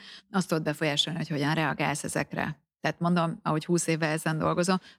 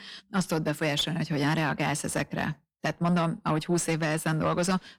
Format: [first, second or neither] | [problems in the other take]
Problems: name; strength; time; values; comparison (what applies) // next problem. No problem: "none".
first | distortion; slight; 10 dB below the speech